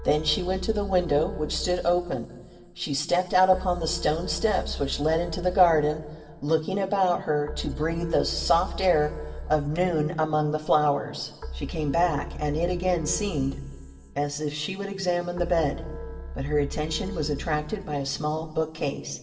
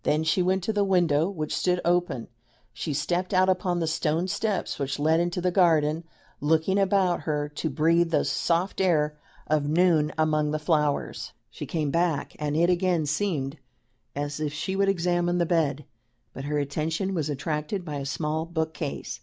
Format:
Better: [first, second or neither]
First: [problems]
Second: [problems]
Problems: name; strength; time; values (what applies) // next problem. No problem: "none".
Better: second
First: background sound (Keyboard (musical)); 11 dB below the speech // room echo; dies away in 1.9 s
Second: none